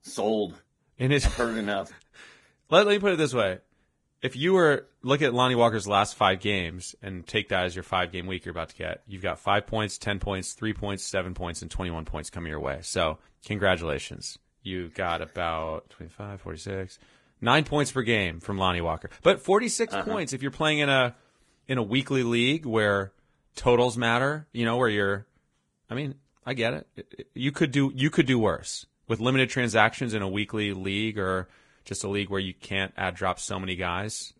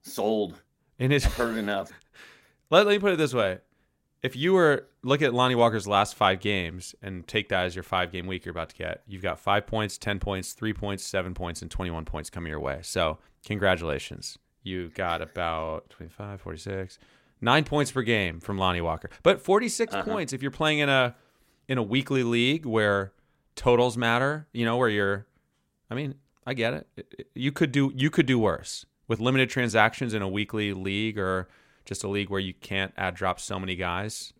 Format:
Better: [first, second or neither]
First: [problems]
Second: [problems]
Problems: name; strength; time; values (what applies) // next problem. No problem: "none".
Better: second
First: garbled, watery; badly; nothing above 10.5 kHz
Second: none